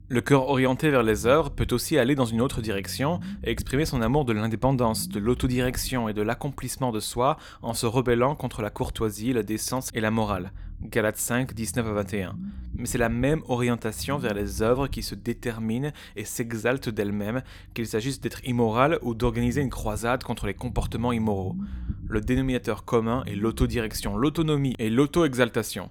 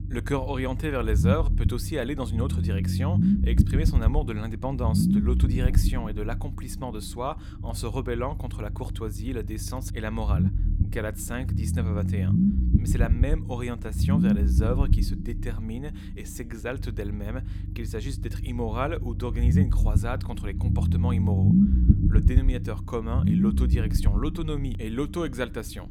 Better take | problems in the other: first | low rumble; loud; throughout; 1 dB below the speech; faint in the first

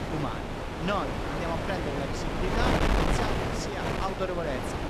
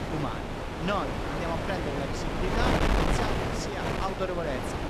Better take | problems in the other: neither | wind noise on the microphone; heavy; 3 dB above the speech; the same in both

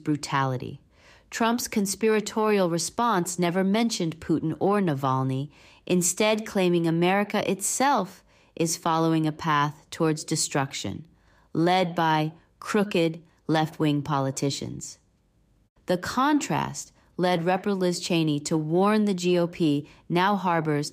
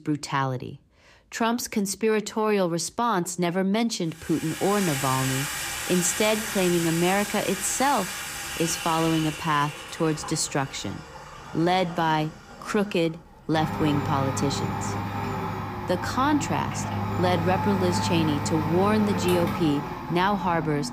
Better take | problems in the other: first | household noises; loud; from 4.5 s on; 5 dB below the speech

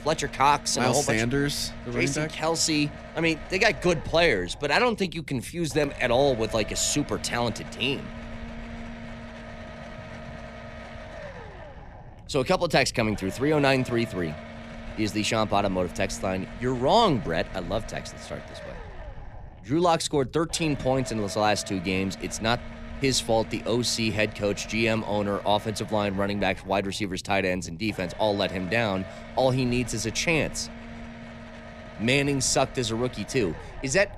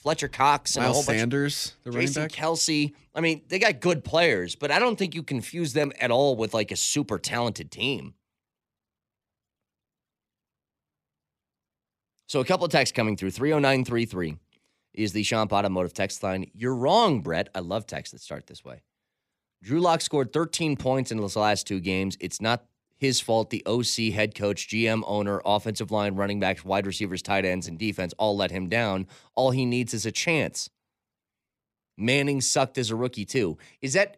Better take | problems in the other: second | low rumble; noticeable; throughout; 15 dB below the speech

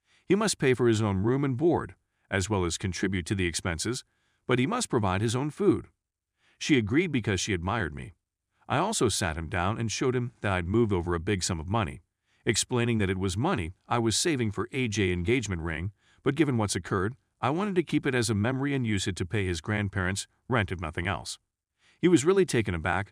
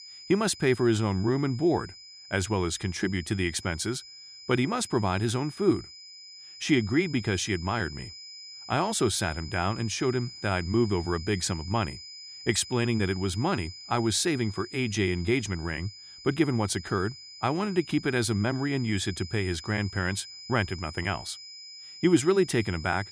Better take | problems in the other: first | high-pitched whine; noticeable; throughout; 5 kHz, 15 dB below the speech

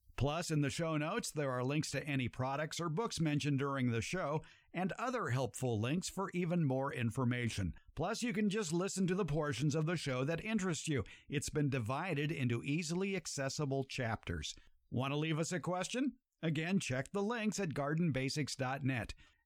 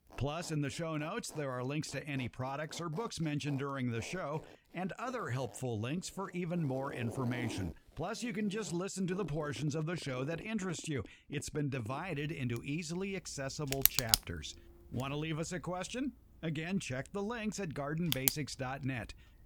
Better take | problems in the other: first | household noises; very loud; throughout; 4 dB above the speech

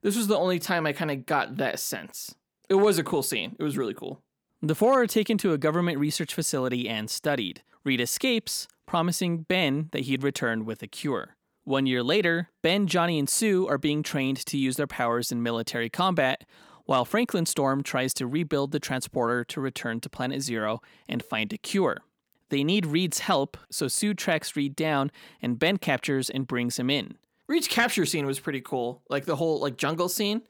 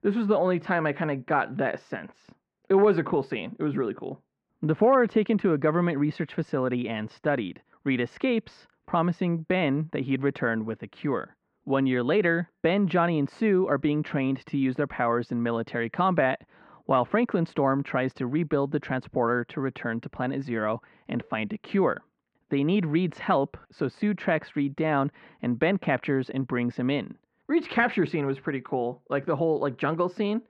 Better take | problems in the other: first | muffled; very; fading above 2 kHz

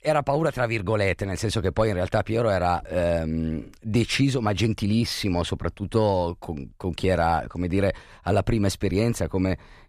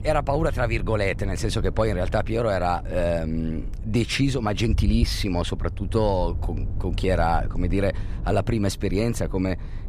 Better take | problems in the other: first | low rumble; faint; throughout; 20 dB below the speech

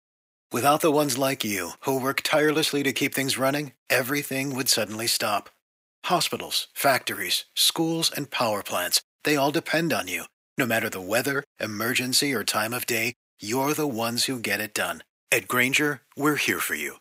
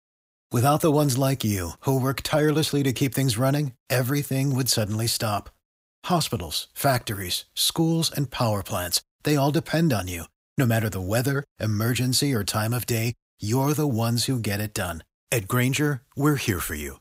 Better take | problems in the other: second | thin; somewhat; fading below 300 Hz

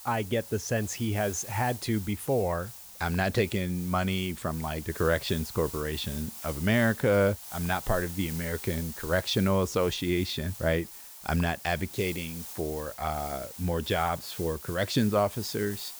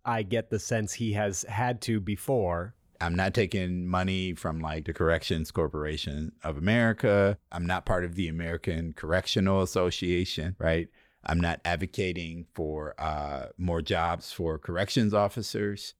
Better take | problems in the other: second | hiss; noticeable; throughout; 10 dB below the speech

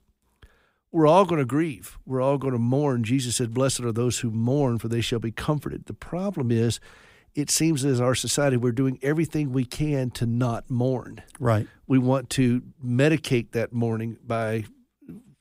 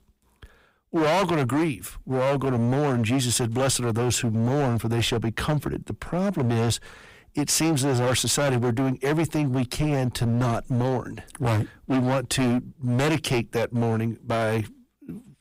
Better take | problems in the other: first | distortion; heavy; 19% of the sound clipped

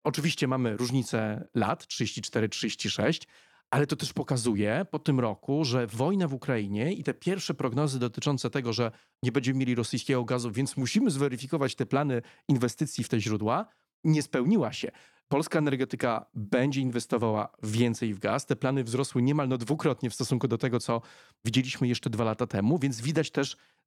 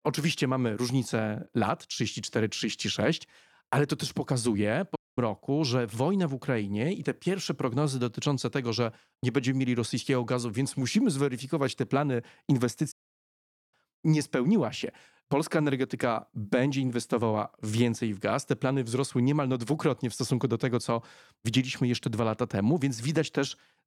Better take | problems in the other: first | audio cutting out; at 5 s and at 13 s for 1 s

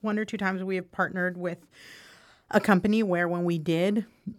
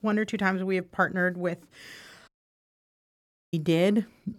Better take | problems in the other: first | audio cutting out; at 2.5 s for 1.5 s

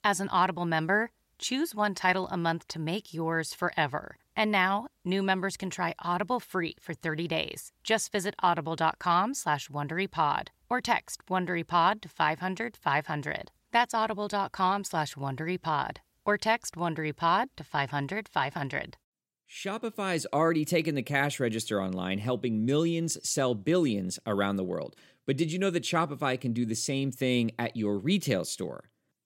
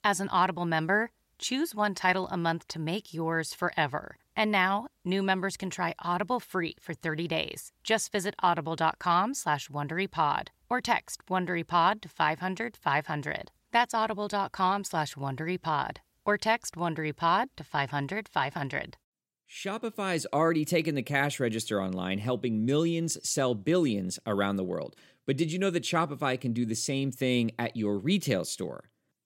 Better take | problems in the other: neither | none

